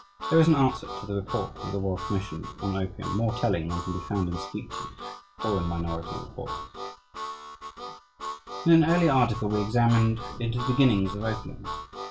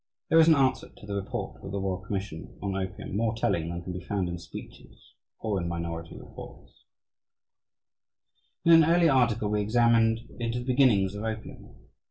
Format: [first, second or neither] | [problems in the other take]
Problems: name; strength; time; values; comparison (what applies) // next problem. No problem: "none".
second | background sound (Harmonica); 11 dB below the speech